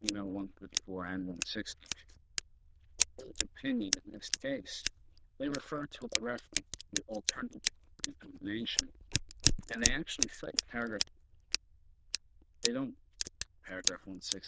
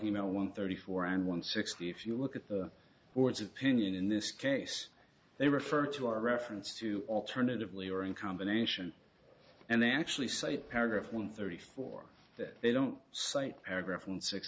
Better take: second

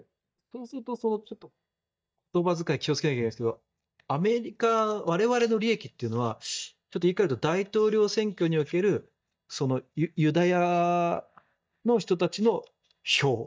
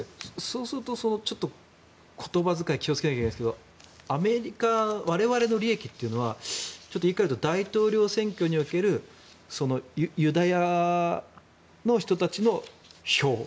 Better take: second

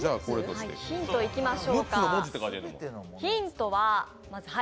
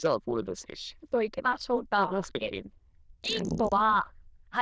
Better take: first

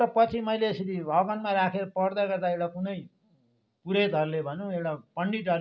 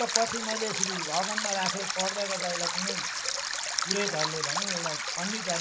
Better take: first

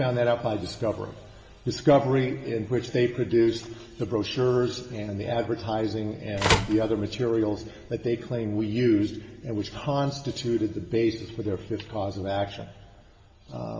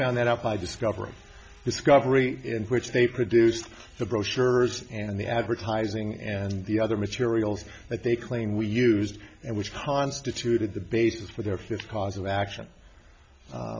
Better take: second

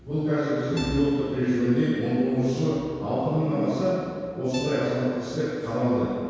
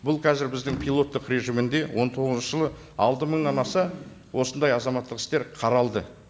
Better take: second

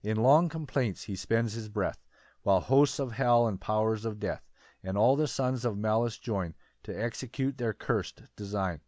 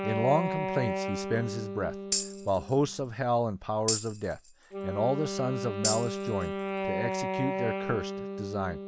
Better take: first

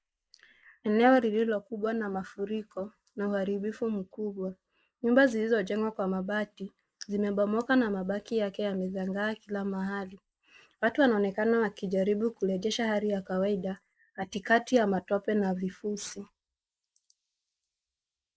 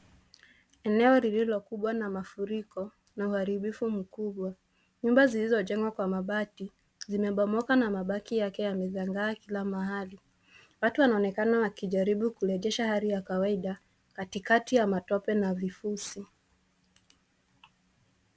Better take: second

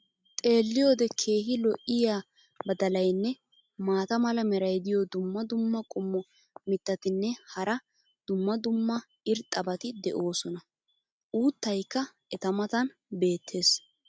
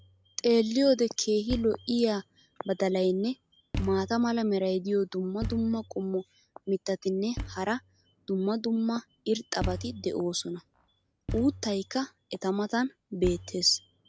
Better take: first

